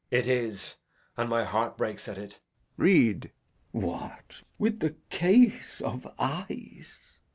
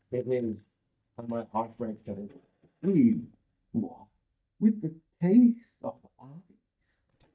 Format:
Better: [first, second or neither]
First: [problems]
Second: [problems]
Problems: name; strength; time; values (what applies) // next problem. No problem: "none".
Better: first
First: none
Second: noise reduction (neural mask model DeepFilterNet 3)